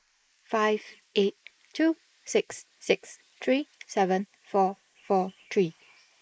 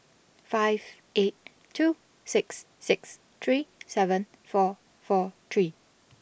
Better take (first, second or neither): second